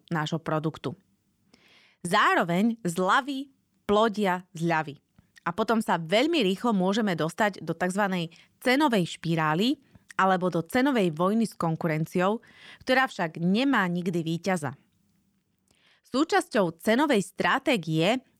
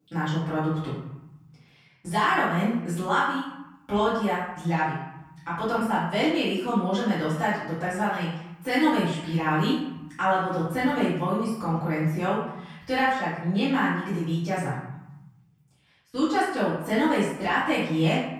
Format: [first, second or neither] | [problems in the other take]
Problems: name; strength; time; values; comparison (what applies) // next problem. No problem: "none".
first | off-mic speech; far // room echo; noticeable; dies away in 0.9 s